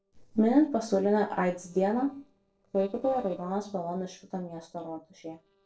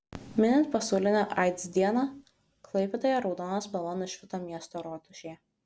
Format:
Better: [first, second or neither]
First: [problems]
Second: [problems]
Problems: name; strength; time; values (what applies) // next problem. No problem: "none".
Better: second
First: noise reduction (neural separator model SepFormer DNS4)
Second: none